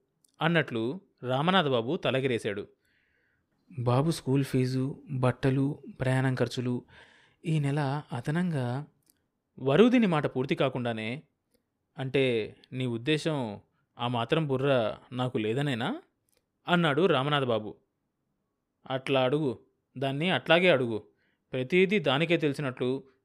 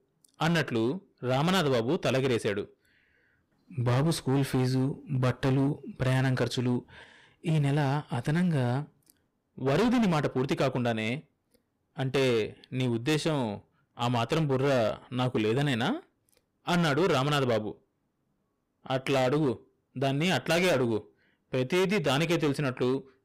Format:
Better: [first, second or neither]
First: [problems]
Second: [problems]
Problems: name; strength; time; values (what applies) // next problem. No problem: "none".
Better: first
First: none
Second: distortion; heavy; 13% of the sound clipped